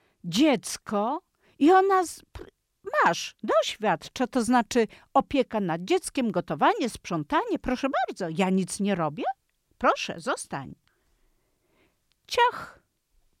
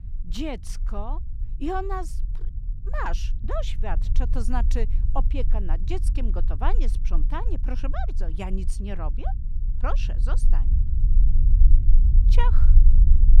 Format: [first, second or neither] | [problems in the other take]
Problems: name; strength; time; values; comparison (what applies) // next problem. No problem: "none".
first | low rumble; noticeable; throughout; 10 dB below the speech